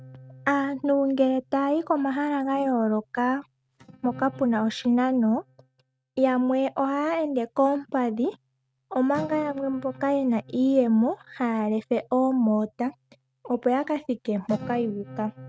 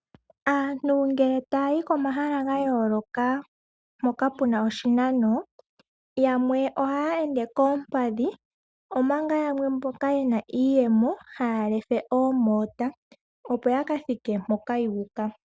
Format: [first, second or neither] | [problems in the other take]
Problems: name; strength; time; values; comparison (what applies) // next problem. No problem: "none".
second | noise reduction (neural mask model RNNoise)